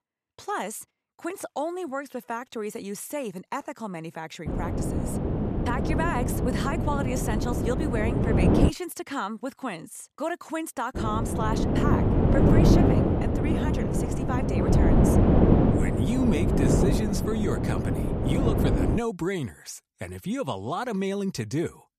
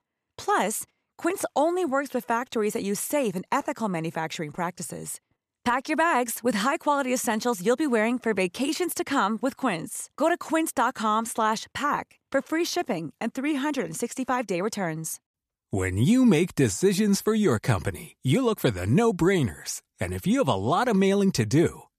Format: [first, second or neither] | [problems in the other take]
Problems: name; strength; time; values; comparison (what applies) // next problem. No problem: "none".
second | wind noise on the microphone; heavy; from 4.5 to 8.5 s and from 11 to 19 s; 3 dB above the speech